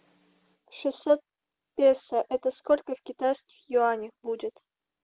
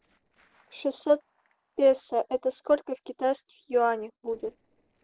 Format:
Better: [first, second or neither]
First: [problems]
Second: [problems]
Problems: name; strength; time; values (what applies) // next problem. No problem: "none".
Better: first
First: none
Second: noise reduction (neural separator model SepFormer DNS4)